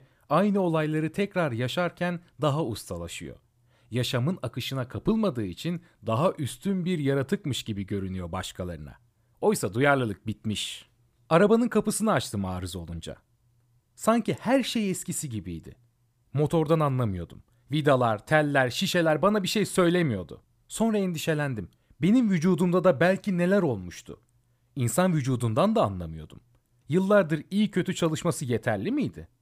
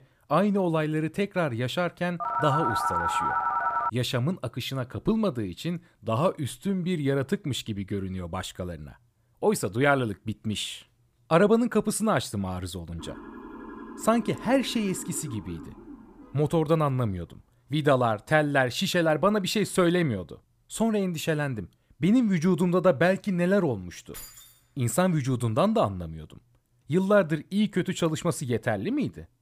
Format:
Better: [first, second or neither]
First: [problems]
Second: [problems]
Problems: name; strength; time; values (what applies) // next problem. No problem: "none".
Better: first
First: none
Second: phone ringing; loud; from 2 to 4 s; peak level with the speech // siren; faint; from 13 to 17 s; peak 15 dB below the speech // jangling keys; faint; at 24 s; peak 15 dB below the speech